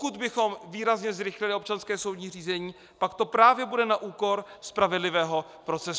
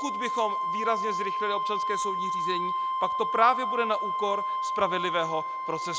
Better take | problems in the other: first | background sound (Wind instrument, woodwind instrument); 1 dB above the speech

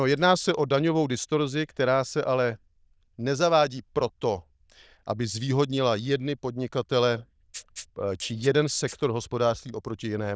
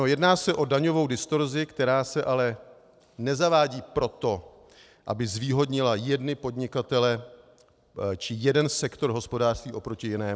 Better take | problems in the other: second | noise reduction (neural diffusion model UNIVERSE++)

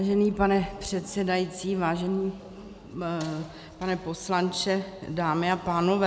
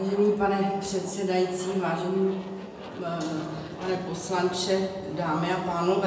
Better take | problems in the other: first | background sound (Aircraft); 15 dB below the speech // room echo; dies away in 1 s

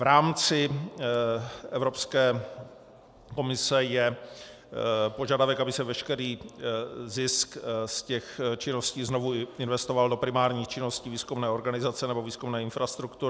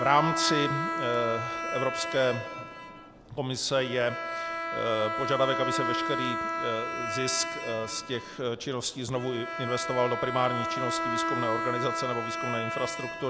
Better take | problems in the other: first | background sound (Bowed string instrument); 2 dB below the speech

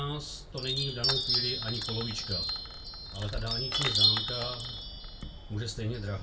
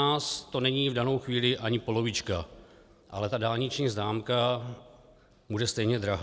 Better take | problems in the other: second | background sound (Chime); 4 dB above the speech // room echo; dies away in 0.1 s

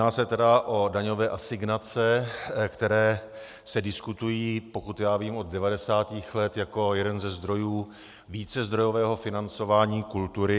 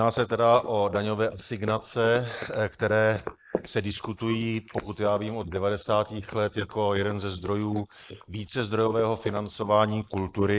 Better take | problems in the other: first | noise reduction (neural mask model Resemble Enhance denoiser)

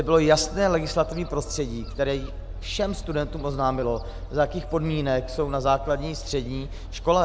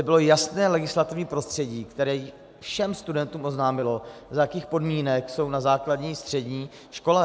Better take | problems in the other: second | background sound (Gull, seagull); 10 dB below the speech

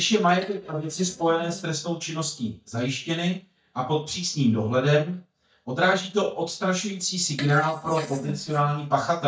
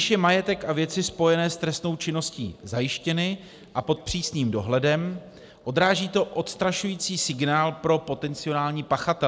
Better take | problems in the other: second | noise reduction (neural mask model DeepFilterNet 3)

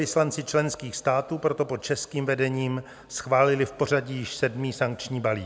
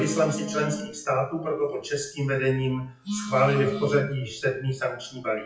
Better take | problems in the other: first | noise reduction (classical method WPE with log-MMSE)

